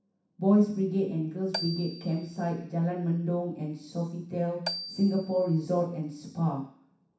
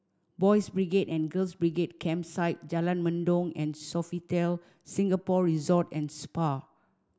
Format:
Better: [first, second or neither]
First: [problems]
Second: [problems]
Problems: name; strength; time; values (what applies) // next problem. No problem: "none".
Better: second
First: background sound (Marimba, xylophone); 10 dB below the speech // room echo; dies away in 0.6 s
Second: none